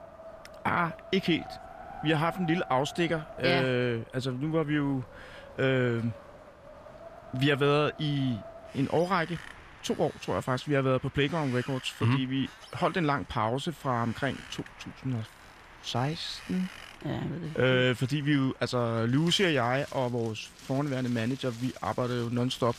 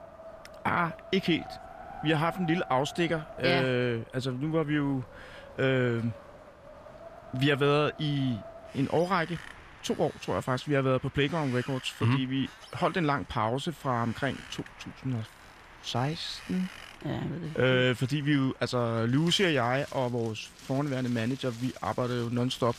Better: neither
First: wind in the background; noticeable; throughout; 20 dB below the speech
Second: wind in the background; noticeable; throughout; 20 dB below the speech

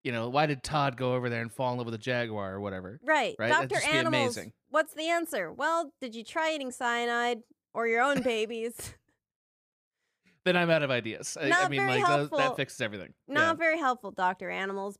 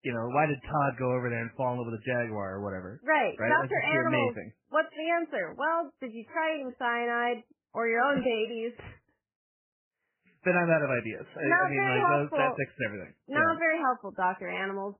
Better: first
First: none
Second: garbled, watery; badly; nothing above 3 kHz

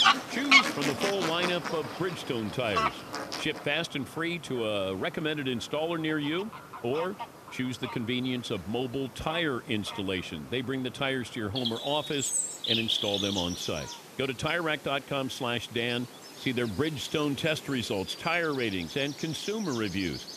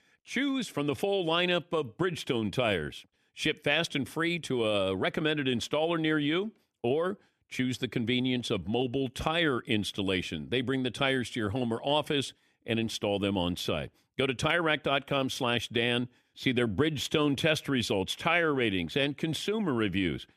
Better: second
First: animal sounds; very loud; throughout; as loud as the speech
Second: none

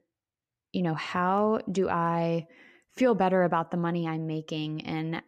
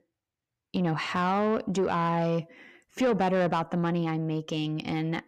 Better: first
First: none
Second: distortion; slight; 10 dB below the speech

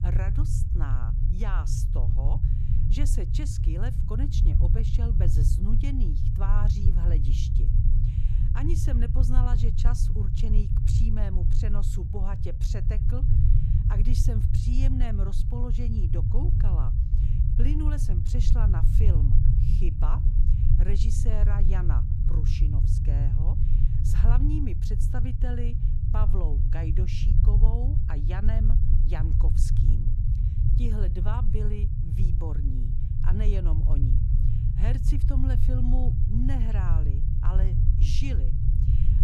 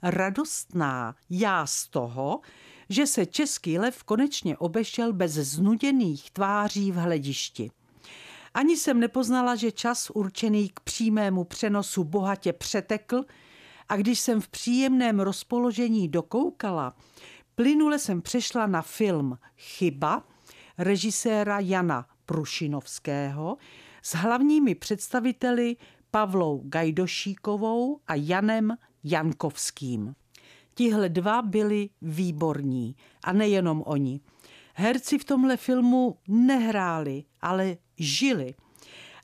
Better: second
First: low rumble; loud; throughout; 1 dB below the speech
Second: none

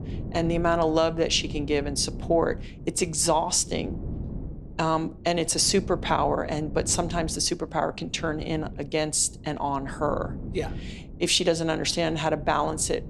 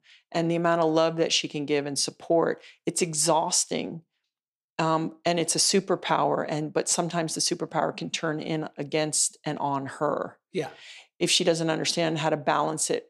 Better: second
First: wind noise on the microphone; occasional gusts; 20 dB below the speech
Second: none

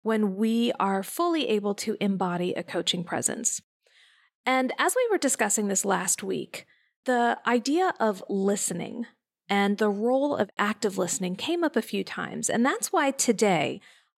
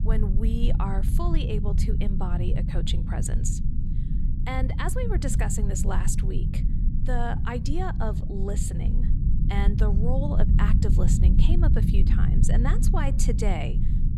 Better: first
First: none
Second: low rumble; loud; throughout; 5 dB below the speech

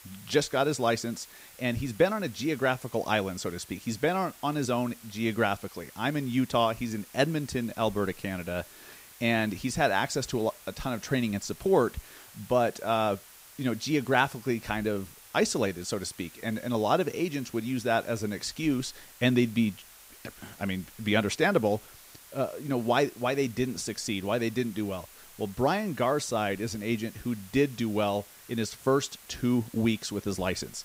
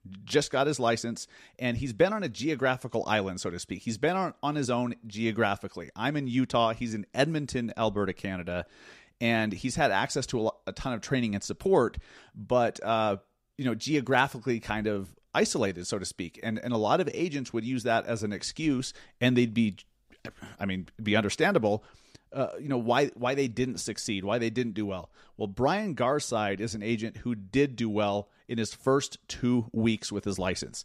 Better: second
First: hiss; noticeable; throughout; 20 dB below the speech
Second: none

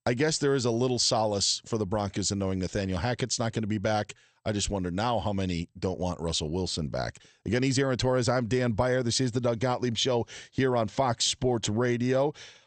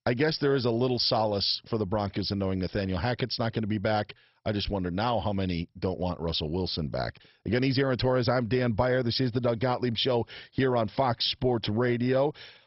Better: first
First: garbled, watery; slightly; nothing above 8.5 kHz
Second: garbled, watery; badly; nothing above 5.5 kHz

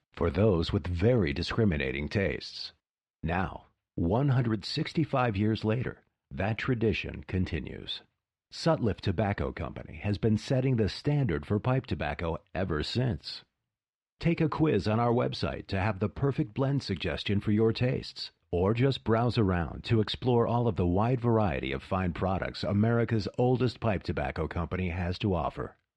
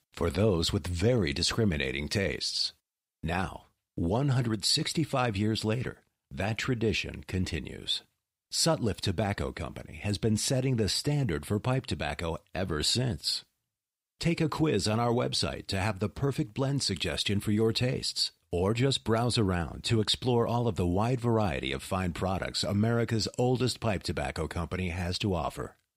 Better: second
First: muffled; slightly; fading above 2.5 kHz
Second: none

